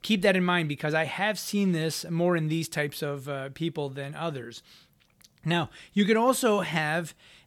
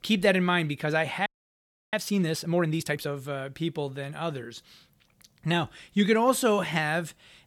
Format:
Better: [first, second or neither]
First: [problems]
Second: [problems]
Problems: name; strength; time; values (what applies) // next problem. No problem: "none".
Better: first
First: none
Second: audio freezing; at 1.5 s for 0.5 s